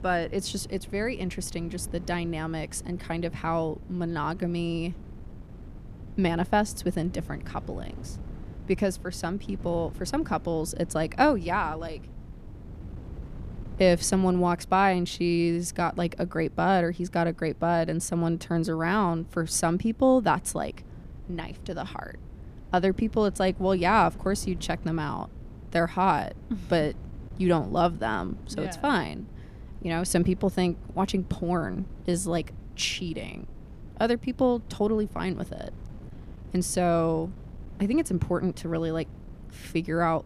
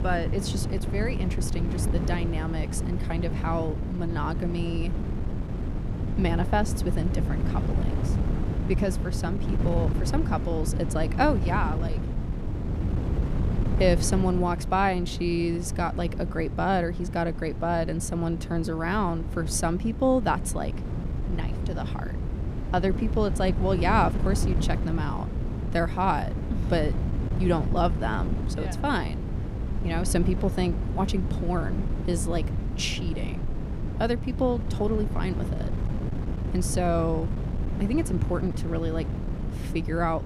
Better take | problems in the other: first | wind noise on the microphone; heavy; 10 dB below the speech; occasional gusts in the first

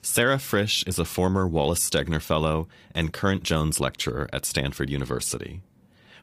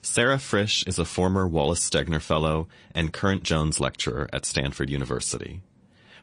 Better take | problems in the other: first | garbled, watery; slightly; nothing above 9 kHz

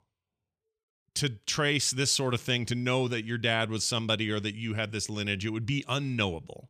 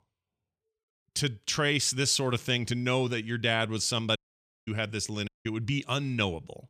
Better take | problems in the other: first | audio cutting out; at 4 s for 0.5 s and at 5.5 s

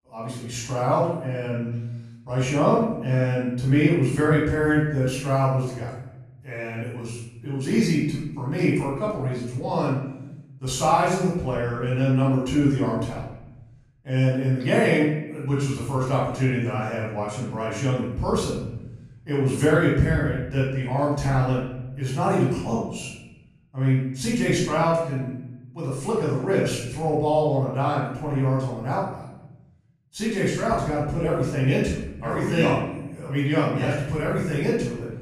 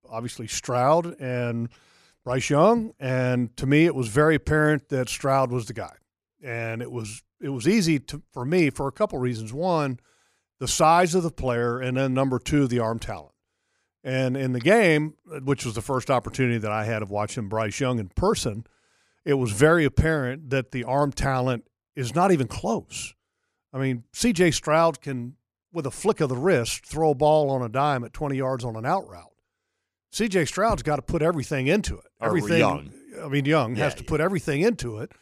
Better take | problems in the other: second | room echo; noticeable; dies away in 0.9 s // off-mic speech; far

